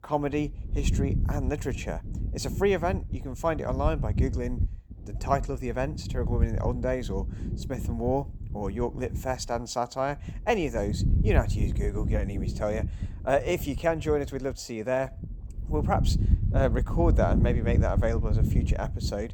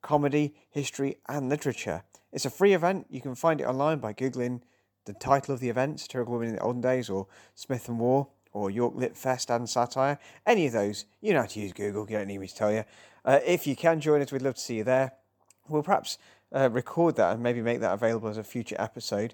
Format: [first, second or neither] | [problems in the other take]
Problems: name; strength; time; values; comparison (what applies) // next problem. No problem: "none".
second | wind noise on the microphone; occasional gusts; 10 dB below the speech